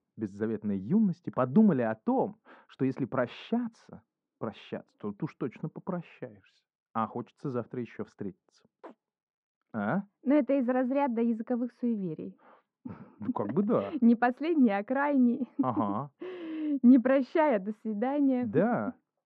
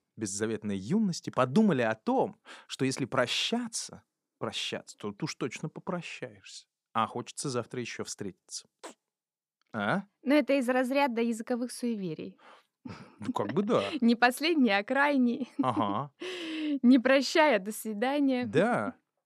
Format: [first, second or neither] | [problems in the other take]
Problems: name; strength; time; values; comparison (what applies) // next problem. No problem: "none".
second | muffled; very; fading above 1.5 kHz